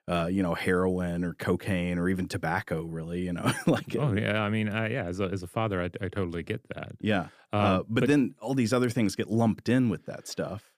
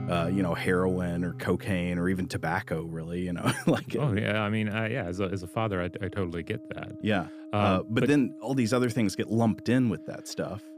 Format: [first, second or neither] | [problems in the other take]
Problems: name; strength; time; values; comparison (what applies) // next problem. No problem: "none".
first | background music; noticeable; throughout; 15 dB below the speech